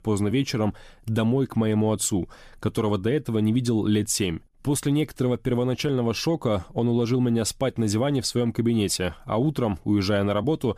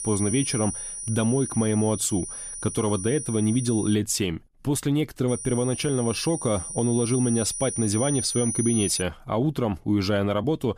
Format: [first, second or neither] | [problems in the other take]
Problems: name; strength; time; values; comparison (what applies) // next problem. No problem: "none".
first | high-pitched whine; loud; until 4 s and from 5.5 to 9 s; 9.5 kHz, 5 dB below the speech